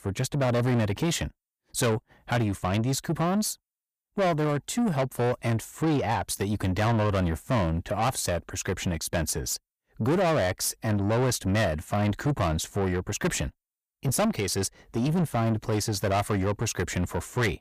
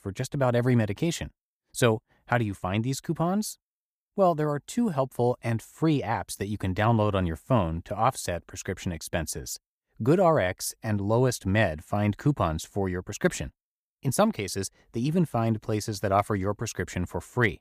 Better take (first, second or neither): second